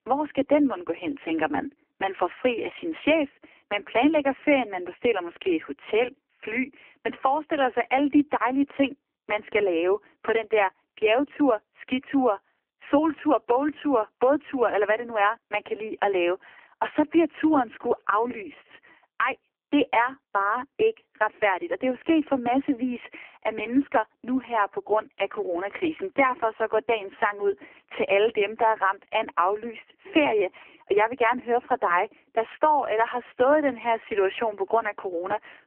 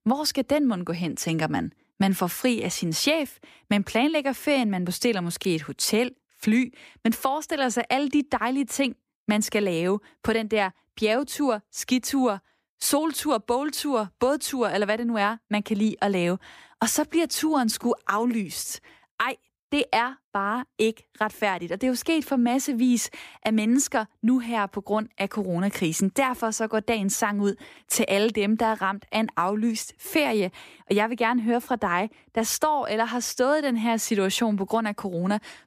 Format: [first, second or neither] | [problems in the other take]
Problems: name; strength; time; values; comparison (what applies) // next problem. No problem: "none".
second | phone-call audio; poor line; nothing above 3 kHz